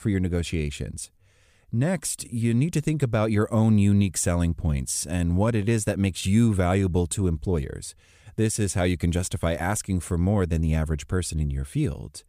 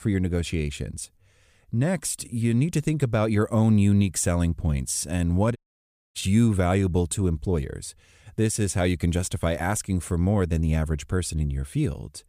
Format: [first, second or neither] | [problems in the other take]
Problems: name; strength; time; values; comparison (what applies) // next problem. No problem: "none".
first | audio cutting out; at 5.5 s for 0.5 s